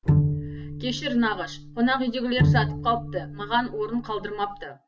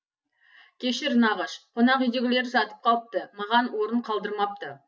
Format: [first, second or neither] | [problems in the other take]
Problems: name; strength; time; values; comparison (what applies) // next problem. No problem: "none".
second | background sound (Bowed string instrument); as loud as the speech